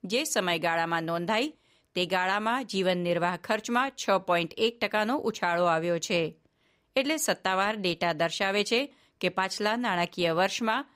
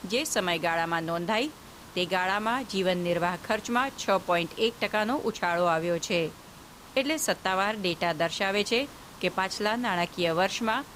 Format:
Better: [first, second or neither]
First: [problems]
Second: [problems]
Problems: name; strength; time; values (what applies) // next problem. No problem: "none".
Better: first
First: none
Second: hiss; noticeable; throughout; 20 dB below the speech